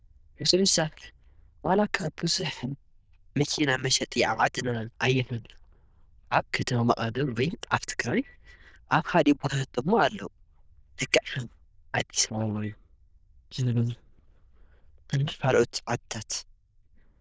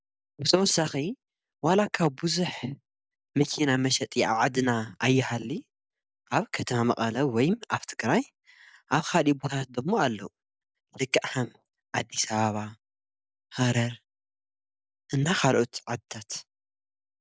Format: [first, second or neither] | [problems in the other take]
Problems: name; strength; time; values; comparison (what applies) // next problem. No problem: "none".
second | noise reduction (neural diffusion model UNIVERSE++)